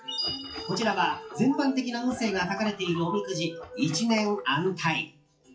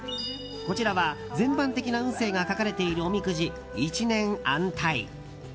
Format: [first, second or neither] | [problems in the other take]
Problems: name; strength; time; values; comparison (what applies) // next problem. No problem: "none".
second | noise reduction (classical method WPE with log-MMSE)